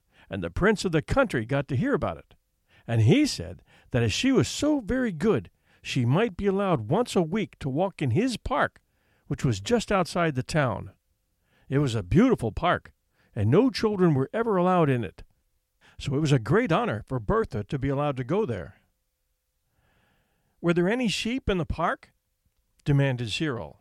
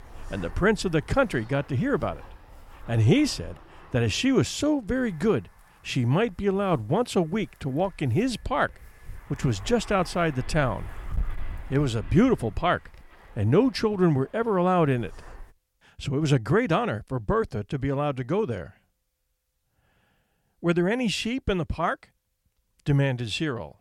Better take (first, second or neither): first